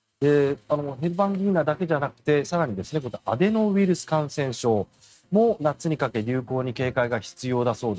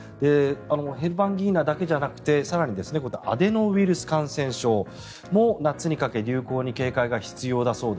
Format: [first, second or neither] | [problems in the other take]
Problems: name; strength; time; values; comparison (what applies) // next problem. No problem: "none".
second | noise reduction (neural mask model RNNoise)